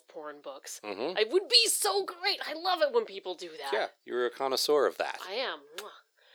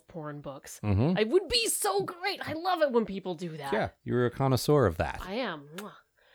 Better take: second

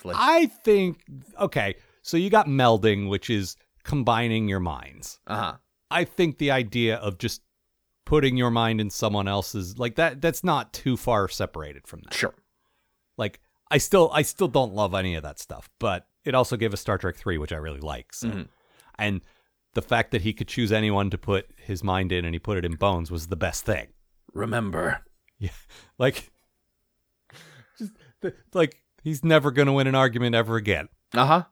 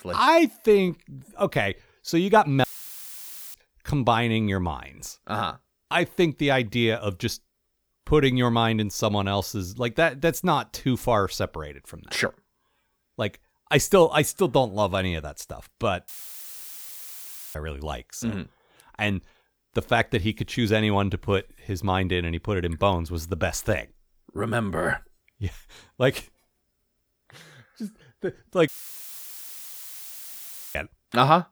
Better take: first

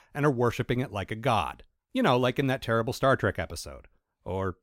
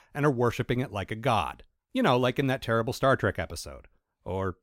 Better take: neither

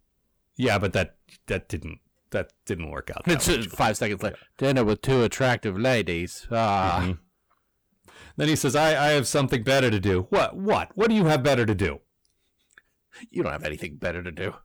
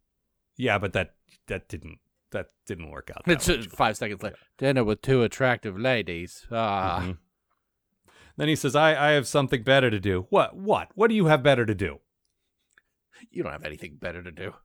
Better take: second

